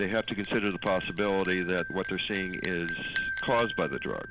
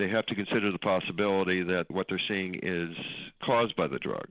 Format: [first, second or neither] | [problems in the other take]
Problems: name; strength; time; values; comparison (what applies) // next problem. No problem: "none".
second | background sound (Bell); 8 dB below the speech